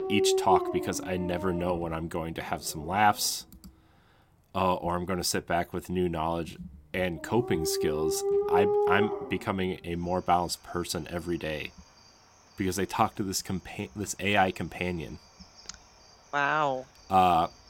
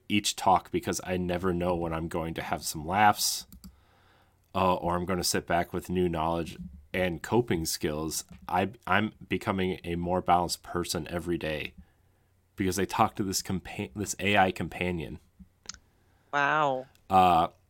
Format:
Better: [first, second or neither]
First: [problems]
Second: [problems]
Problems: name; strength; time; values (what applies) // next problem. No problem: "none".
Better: second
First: animal sounds; loud; throughout; as loud as the speech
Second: none